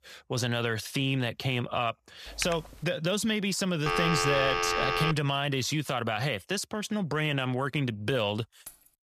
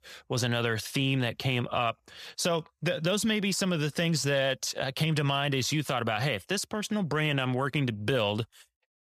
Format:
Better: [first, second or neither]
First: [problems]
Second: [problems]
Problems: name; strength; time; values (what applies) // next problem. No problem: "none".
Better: second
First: keyboard typing; noticeable; at 2.5 s; peak 8 dB below the speech // phone ringing; loud; from 4 to 5 s; peak 2 dB above the speech // jangling keys; faint; at 8.5 s; peak 20 dB below the speech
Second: none